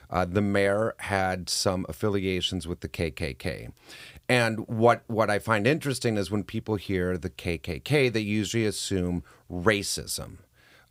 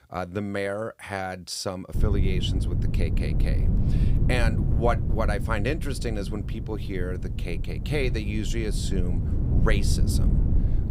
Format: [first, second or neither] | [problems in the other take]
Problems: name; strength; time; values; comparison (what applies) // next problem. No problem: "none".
first | wind noise on the microphone; heavy; from 2 s on; 8 dB below the speech